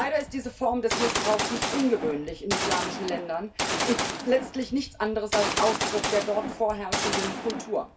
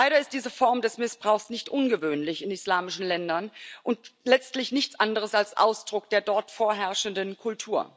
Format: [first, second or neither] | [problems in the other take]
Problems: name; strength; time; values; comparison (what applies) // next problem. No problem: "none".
second | background sound (Gunshot, gunfire); 3 dB below the speech // room echo; dies away in 0.2 s